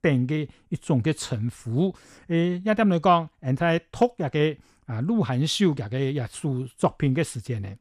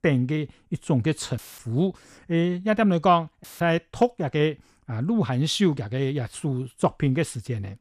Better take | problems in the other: first | audio cutting out; filled with static; at 1.5 s and at 3.5 s

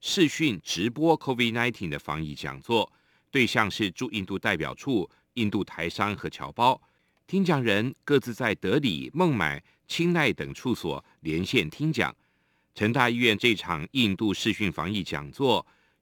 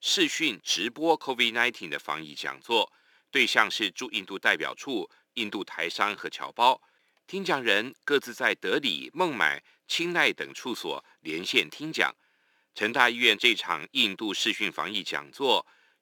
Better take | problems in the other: first | thin; somewhat; fading below 400 Hz

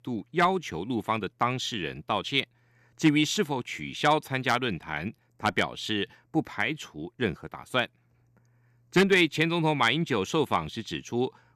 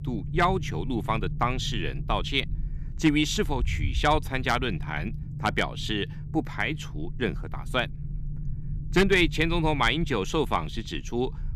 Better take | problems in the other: first | low rumble; faint; throughout; 20 dB below the speech

